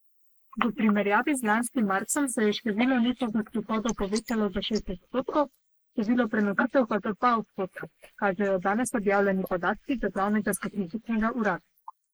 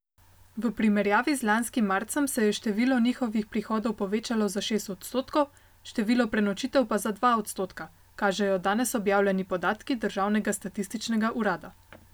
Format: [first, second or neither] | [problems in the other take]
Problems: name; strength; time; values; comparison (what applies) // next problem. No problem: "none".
second | noise reduction (neural mask model Resemble Enhance denoiser)